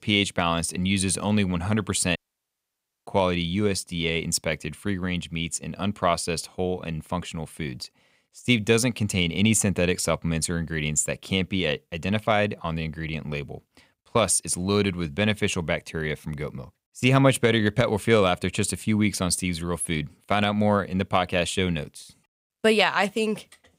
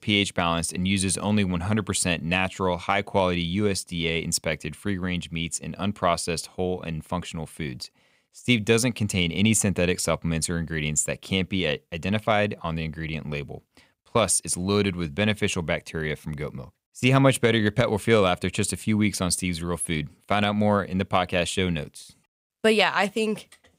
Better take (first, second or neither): second